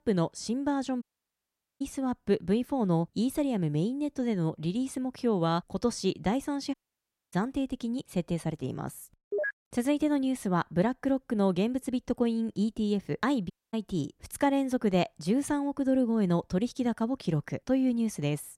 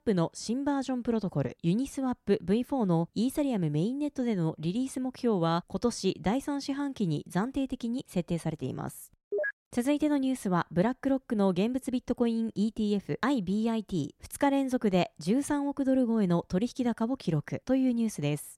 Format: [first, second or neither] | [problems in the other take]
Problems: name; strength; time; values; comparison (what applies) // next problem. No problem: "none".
second | audio cutting out; at 1 s for 1 s, at 6.5 s for 0.5 s and at 14 s